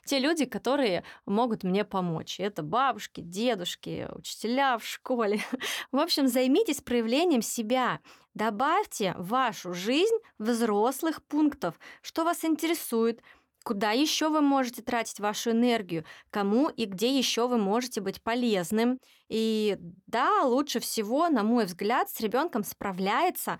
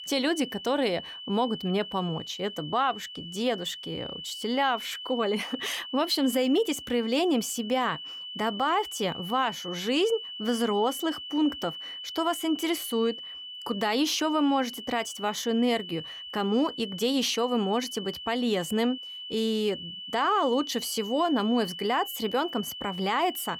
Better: first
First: none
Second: high-pitched whine; loud; throughout; 3 kHz, 9 dB below the speech

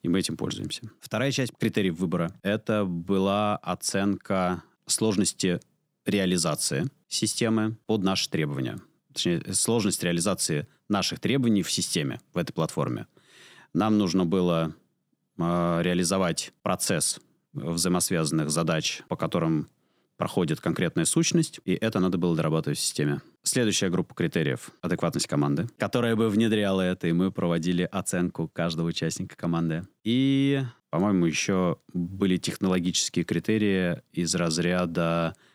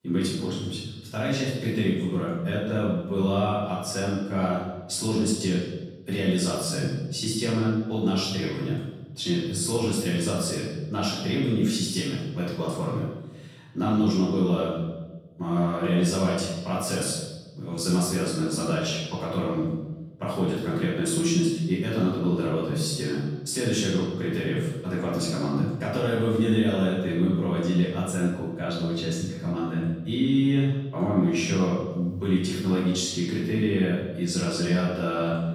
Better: first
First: none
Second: off-mic speech; far // room echo; strong; dies away in 1 s

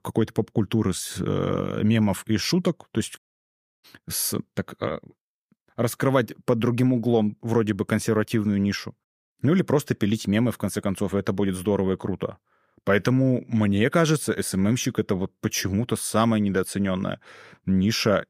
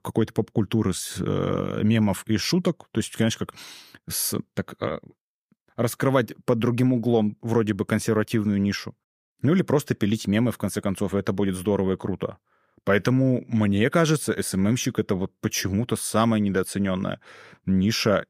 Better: second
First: audio cutting out; at 3 s for 0.5 s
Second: none

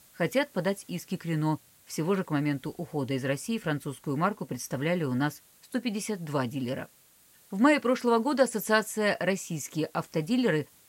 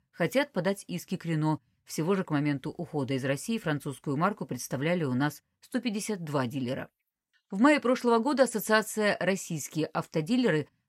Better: second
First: hiss; faint; throughout; 25 dB below the speech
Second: none

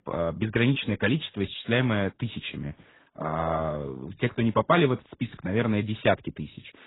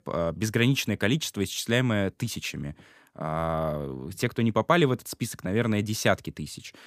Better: second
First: garbled, watery; badly; nothing above 4 kHz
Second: none

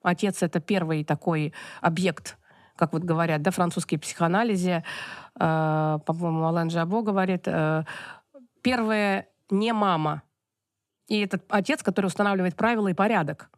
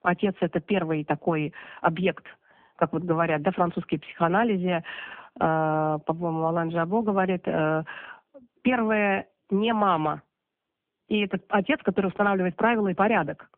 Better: first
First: none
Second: phone-call audio; poor line; nothing above 3 kHz

